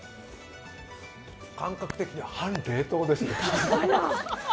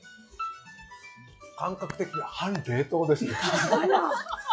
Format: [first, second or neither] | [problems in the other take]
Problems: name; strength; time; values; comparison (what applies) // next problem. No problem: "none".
first | noise reduction (classical method log-MMSE)